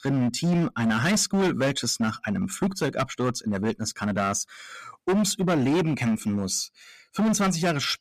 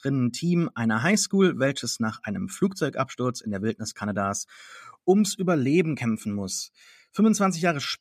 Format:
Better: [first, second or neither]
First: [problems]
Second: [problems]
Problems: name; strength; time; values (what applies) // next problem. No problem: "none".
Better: second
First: distortion; heavy; 15% of the sound clipped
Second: none